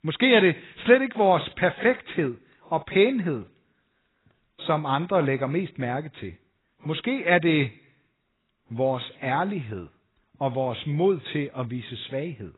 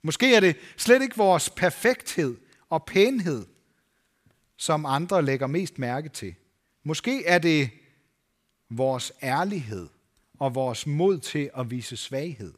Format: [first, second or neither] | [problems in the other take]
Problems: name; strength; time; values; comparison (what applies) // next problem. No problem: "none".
second | garbled, watery; badly; nothing above 4 kHz